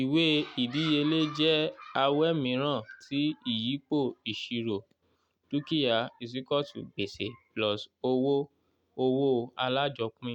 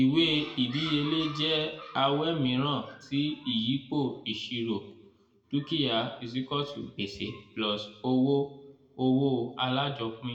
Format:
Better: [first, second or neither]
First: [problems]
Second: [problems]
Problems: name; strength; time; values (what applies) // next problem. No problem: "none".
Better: first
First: none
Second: room echo; dies away in 0.6 s